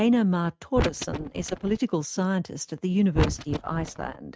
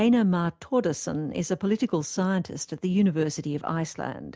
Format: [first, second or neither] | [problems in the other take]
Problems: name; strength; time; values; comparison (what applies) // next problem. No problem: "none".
second | noise reduction (neural mask model RNNoise)